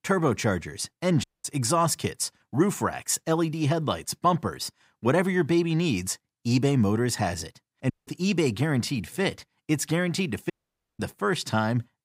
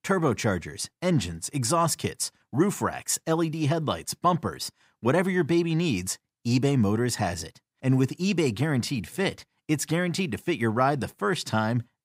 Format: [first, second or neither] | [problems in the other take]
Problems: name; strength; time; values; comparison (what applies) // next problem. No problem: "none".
second | audio cutting out; at 1 s, at 8 s and at 11 s